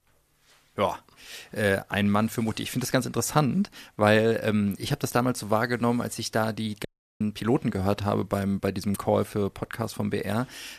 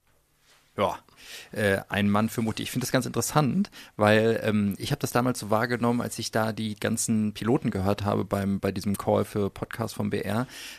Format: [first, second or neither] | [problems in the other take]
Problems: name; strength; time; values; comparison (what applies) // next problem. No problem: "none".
second | audio cutting out; at 7 s